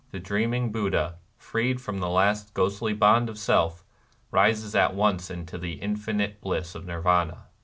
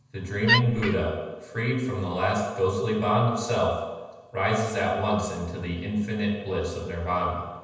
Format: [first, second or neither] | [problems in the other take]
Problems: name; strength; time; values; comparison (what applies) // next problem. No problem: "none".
first | background sound (Wood); 1 dB above the speech // room echo; dies away in 1.1 s